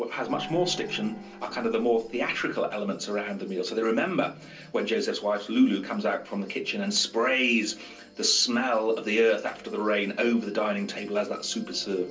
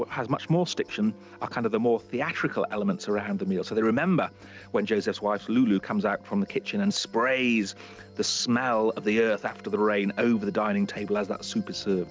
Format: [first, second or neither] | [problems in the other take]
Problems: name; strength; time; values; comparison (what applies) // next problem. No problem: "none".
second | background sound (Gong); 16 dB below the speech // room echo; dies away in 0.3 s